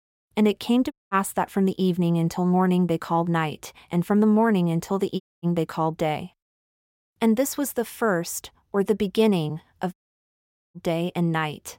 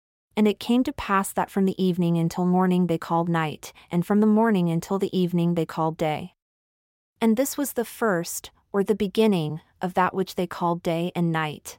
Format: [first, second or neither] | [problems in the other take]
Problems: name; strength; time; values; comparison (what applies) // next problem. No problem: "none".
second | audio cutting out; at 1 s, at 5 s and at 10 s for 1 s